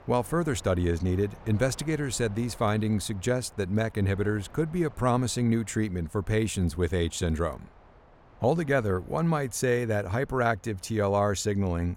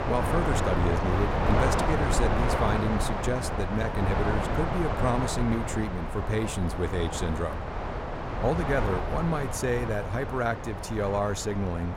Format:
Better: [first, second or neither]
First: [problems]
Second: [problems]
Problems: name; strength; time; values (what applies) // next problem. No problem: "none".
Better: first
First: wind noise on the microphone; occasional gusts; 25 dB below the speech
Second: wind noise on the microphone; heavy; 1 dB above the speech